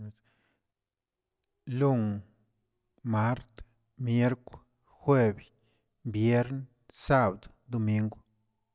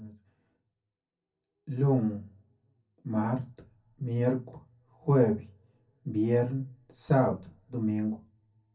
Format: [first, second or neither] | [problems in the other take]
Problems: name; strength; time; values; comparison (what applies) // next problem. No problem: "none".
first | room echo; dies away in 0.3 s